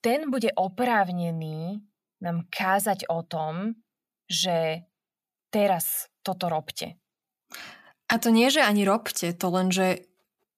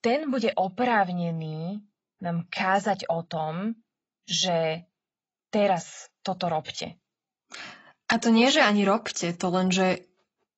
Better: first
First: none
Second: garbled, watery; badly; nothing above 7.5 kHz

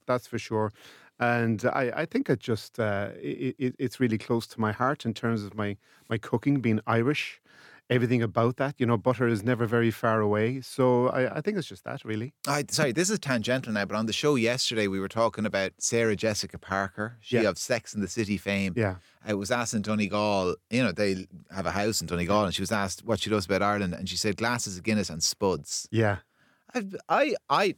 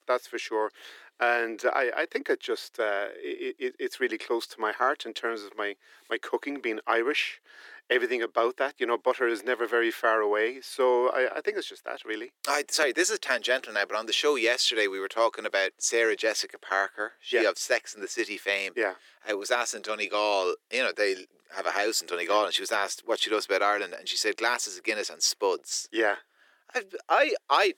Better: first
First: none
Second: thin; very; fading below 350 Hz

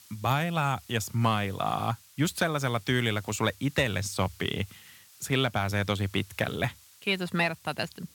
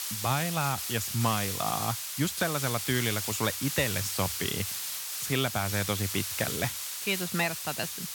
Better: first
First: hiss; faint; throughout; 25 dB below the speech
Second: hiss; loud; throughout; 1 dB below the speech

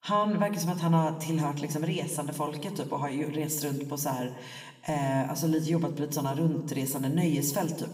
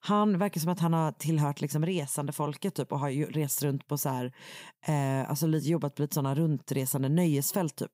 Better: second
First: room echo; slight; dies away in 0.9 s // off-mic speech; somewhat distant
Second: none

